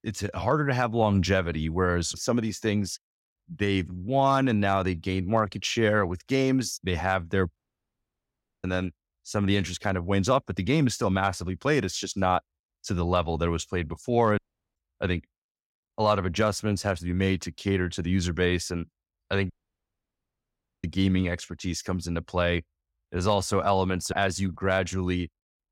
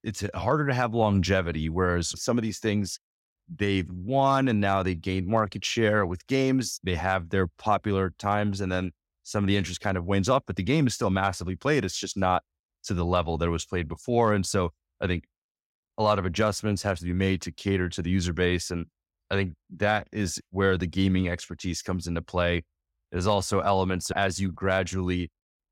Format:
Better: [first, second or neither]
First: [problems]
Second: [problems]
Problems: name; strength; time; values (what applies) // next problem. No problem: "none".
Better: second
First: audio cutting out; at 7.5 s for 1 s, at 14 s and at 20 s for 1.5 s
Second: none